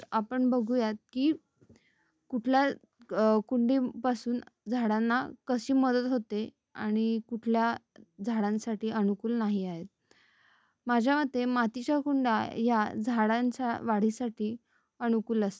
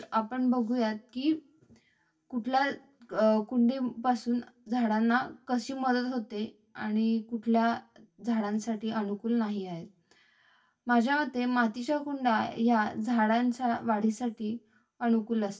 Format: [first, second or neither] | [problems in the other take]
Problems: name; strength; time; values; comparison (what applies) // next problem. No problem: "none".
first | room echo; dies away in 0.2 s